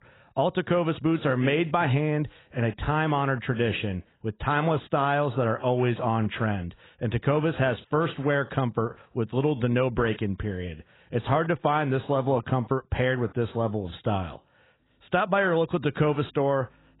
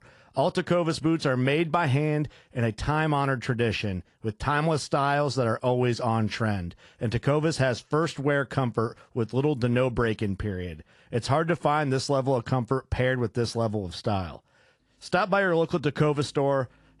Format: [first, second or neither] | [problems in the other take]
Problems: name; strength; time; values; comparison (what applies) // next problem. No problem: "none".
second | garbled, watery; badly; nothing above 4 kHz; slightly in the second